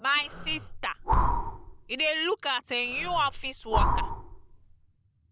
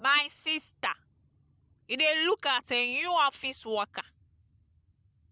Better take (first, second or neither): second